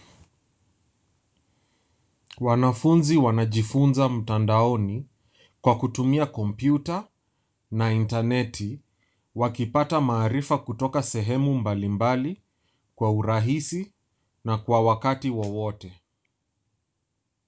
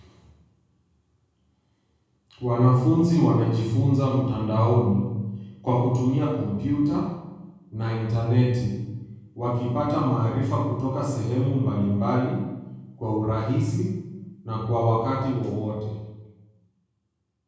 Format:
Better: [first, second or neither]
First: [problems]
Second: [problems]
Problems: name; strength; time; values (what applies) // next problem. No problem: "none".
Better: first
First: none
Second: room echo; dies away in 1.3 s